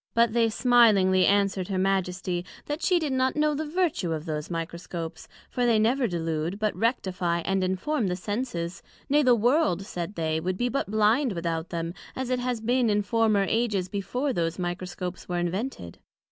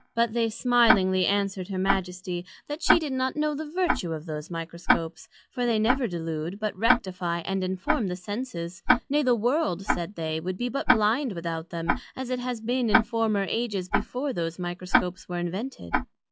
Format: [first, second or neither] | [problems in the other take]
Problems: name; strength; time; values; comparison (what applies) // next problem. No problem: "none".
first | noise reduction (classical method log-MMSE)